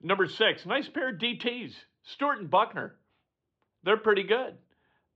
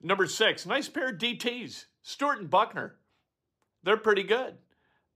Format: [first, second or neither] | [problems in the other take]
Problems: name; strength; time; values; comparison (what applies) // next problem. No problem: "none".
second | muffled; slightly; fading above 3.5 kHz